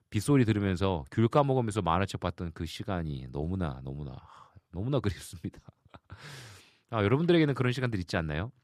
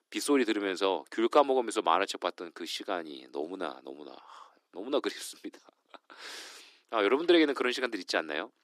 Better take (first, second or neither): first